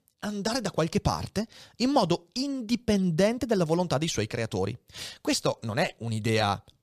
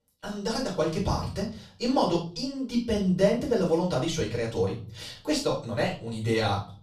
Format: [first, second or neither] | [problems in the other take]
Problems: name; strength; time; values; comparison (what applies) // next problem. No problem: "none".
first | off-mic speech; far // room echo; slight; dies away in 0.4 s